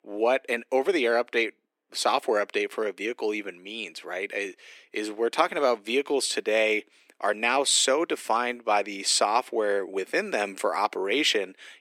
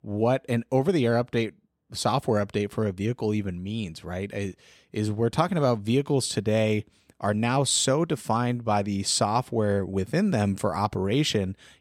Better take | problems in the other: second | thin; very; fading below 300 Hz

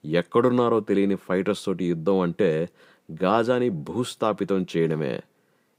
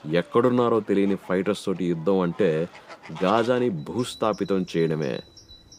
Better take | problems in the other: first | animal sounds; faint; throughout; 20 dB below the speech

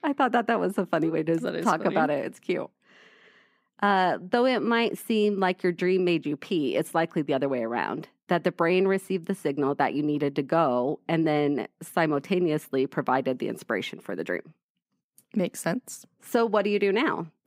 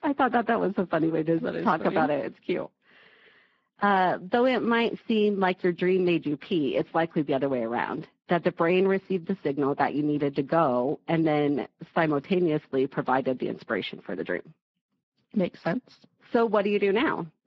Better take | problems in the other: first | garbled, watery; badly

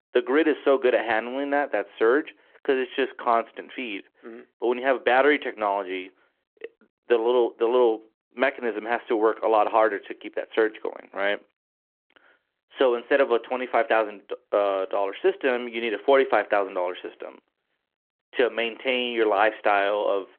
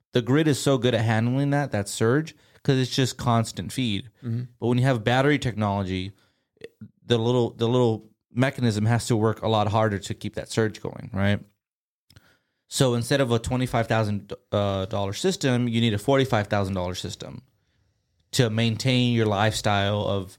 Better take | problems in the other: second | phone-call audio

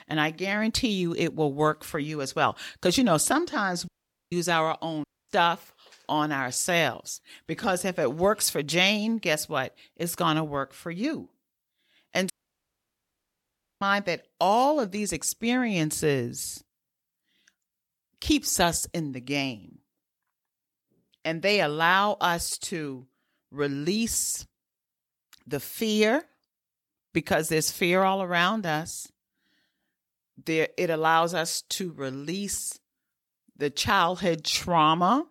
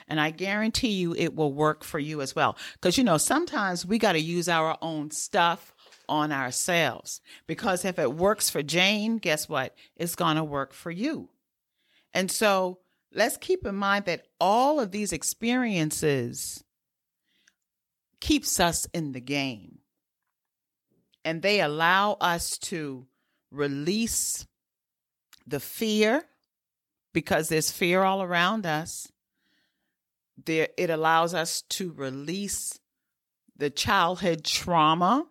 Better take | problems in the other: second | audio cutting out; at 4 s, at 5 s and at 12 s for 1.5 s

